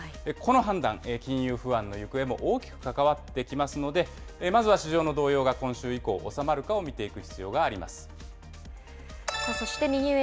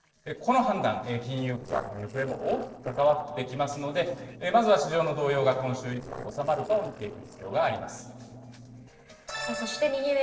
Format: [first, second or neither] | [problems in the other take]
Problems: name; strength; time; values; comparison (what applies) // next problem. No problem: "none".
first | noise reduction (neural separator model SepFormer DNS4)